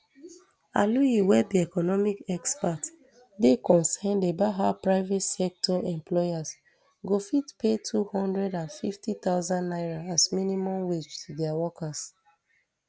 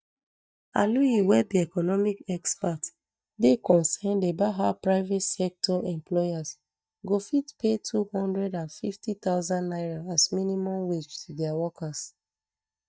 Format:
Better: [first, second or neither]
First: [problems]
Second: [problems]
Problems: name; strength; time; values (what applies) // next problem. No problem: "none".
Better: first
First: none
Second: noise reduction (neural mask model DeepFilterNet 3)